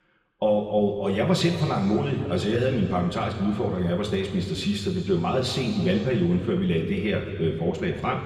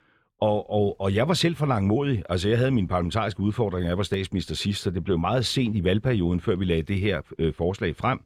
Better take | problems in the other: second | room echo; noticeable; dies away in 2.1 s // off-mic speech; somewhat distant

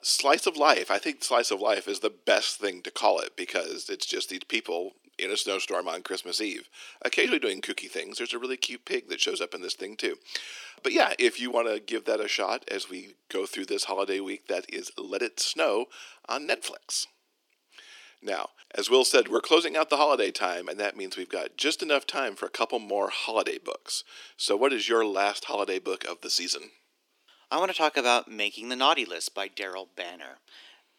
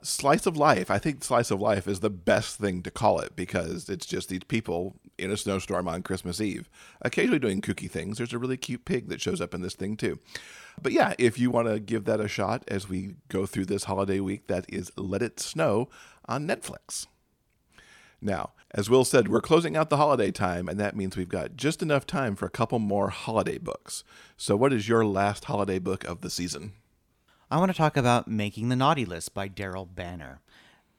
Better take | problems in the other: second | thin; somewhat; fading below 300 Hz

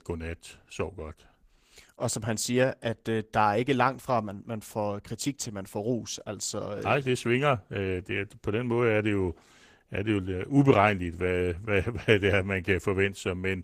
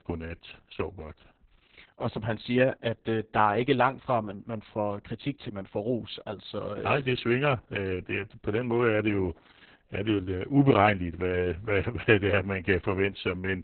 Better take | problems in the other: first | garbled, watery; badly; nothing above 4 kHz; slightly in the first

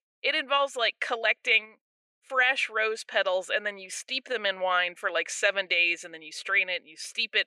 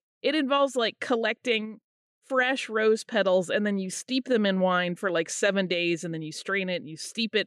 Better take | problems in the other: second | thin; very; fading below 700 Hz

